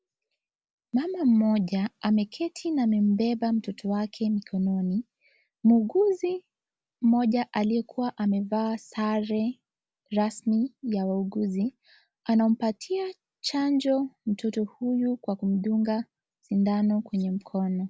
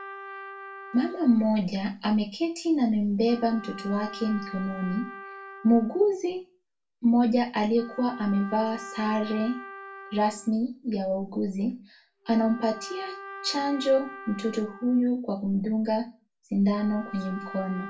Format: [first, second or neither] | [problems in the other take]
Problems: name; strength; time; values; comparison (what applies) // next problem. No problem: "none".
first | background sound (Trumpet); 16 dB below the speech // room echo; dies away in 0.3 s